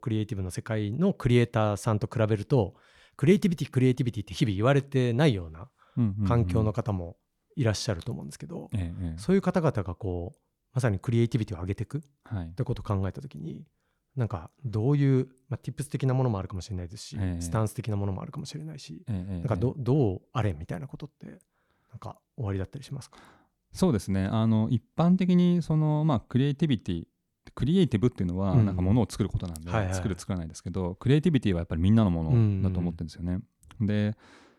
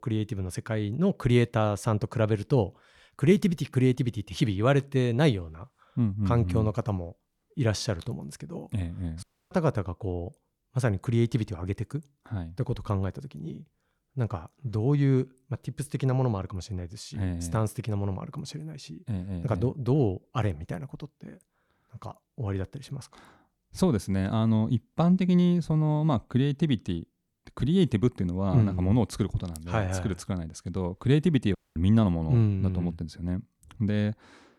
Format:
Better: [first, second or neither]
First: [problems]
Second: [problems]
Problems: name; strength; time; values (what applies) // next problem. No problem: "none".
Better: first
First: none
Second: audio cutting out; at 9 s and at 32 s